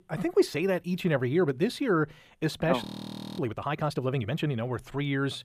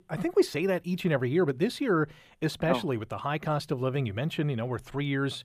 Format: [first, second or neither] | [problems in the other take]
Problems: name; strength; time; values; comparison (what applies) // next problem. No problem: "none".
second | audio freezing; at 3 s for 0.5 s